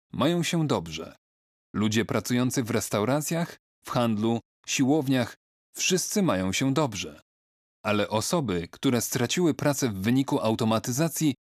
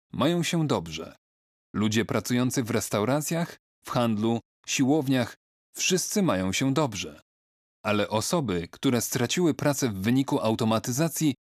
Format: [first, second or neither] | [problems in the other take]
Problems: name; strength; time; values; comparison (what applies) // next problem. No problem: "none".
neither | none